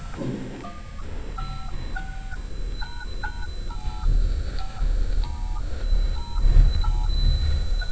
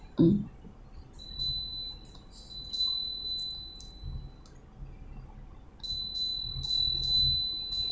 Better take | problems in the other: second | noise reduction (neural mask model DeepFilterNet 3)

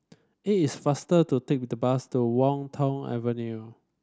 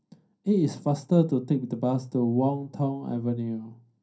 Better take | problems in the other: first | room echo; dies away in 0.3 s

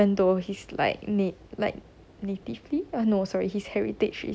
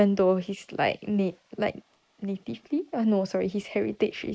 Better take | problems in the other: first | noise reduction (neural mask model Resemble Enhance denoiser)

